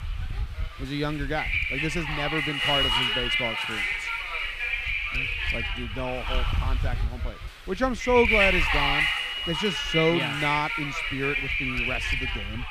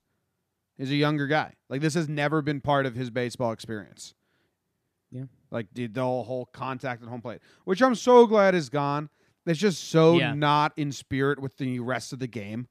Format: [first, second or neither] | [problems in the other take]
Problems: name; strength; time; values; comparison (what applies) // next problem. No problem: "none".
second | wind noise on the microphone; heavy; 5 dB above the speech